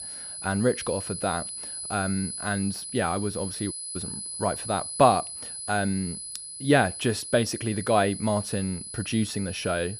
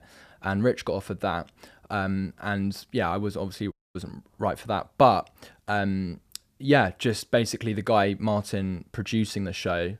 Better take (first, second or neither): second